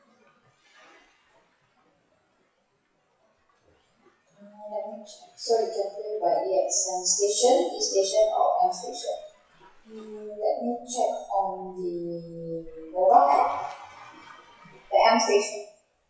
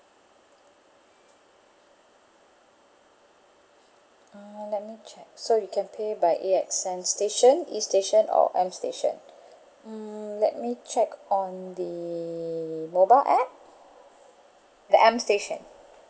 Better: second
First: noise reduction (classical method WPE with log-MMSE)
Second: none

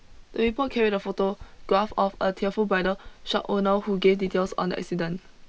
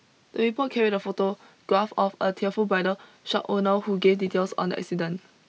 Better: second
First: background sound (Writing); 18 dB below the speech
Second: none

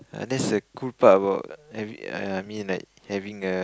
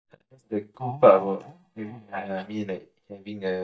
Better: first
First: none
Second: noise reduction (neural mask model DeepFilterNet 3)

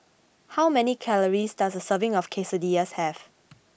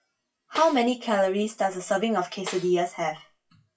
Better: first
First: none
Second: noise reduction (classical method WPE with log-MMSE)

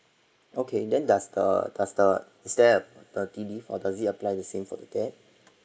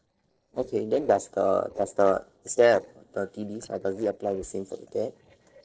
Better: first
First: none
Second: noise reduction (neural separator model SepFormer DNS4)

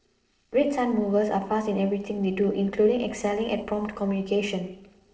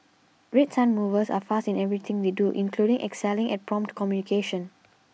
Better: second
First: noise reduction (neural separator model SepFormer DNS4)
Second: none

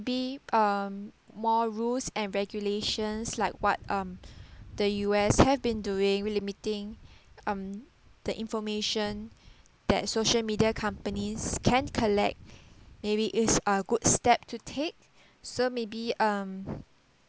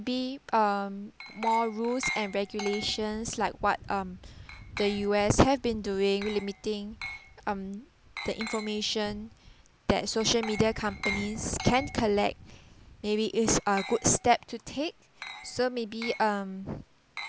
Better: first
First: none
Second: background sound (Glass); 14 dB below the speech

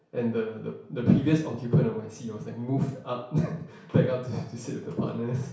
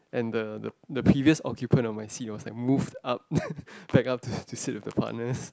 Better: second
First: room echo; dies away in 0.6 s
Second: none

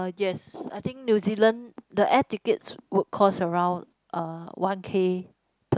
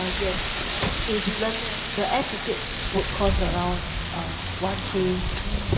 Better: first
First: none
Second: background sound (Rain); 1 dB above the speech // room echo; dies away in 2 s

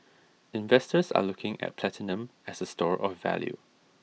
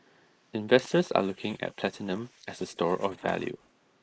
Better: first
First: none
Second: noise reduction (neural mask model Resemble Enhance denoiser)

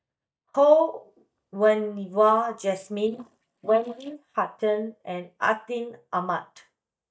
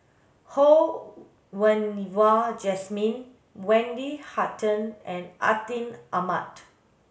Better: second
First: noise reduction (neural mask model DeepFilterNet 3)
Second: none

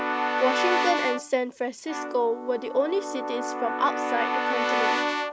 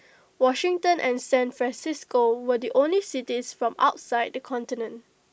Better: second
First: background sound (Keyboard (musical) / Brass instrument); as loud as the speech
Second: none

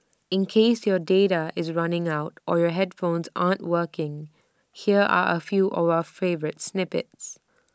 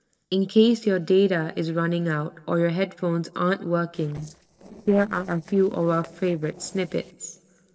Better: first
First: none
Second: noise reduction (neural separator model SepFormer DNS4)

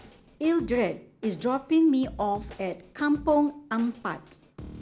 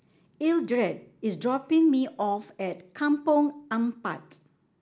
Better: second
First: background sound (Drum kit); 19 dB below the speech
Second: none

